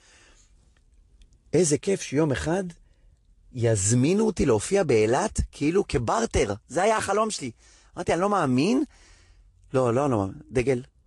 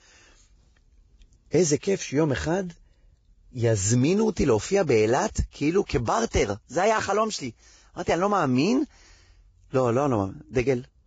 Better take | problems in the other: first | garbled, watery; badly; nothing above 7.5 kHz; slightly in the first

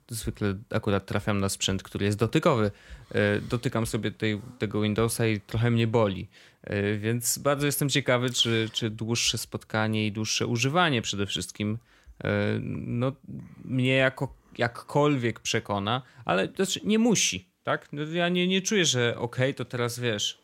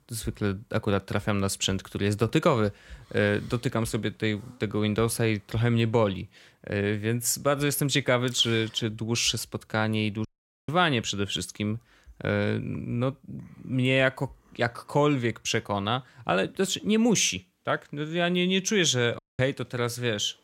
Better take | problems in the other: first | audio cutting out; at 10 s and at 19 s

